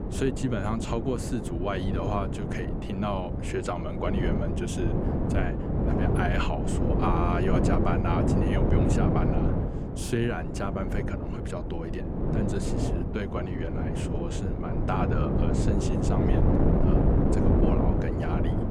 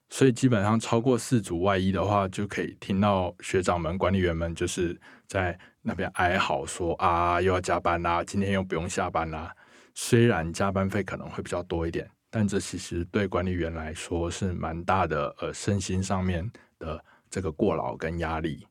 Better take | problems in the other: second | wind noise on the microphone; heavy; as loud as the speech

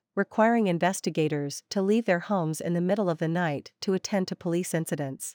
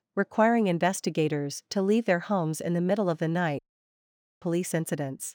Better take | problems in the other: first | audio cutting out; at 3.5 s for 1 s

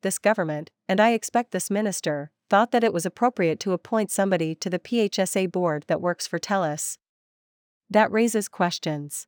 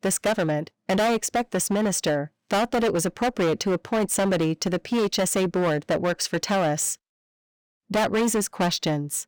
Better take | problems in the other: first | distortion; heavy; 17% of the sound clipped

